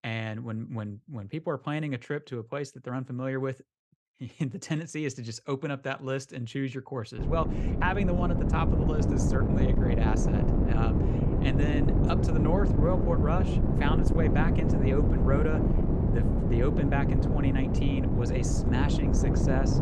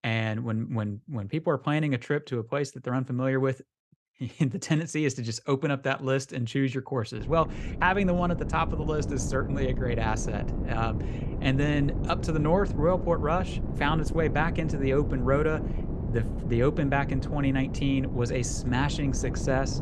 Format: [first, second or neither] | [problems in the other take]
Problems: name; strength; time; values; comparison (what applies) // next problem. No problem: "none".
second | wind noise on the microphone; heavy; from 7 s on; as loud as the speech; occasional gusts in the second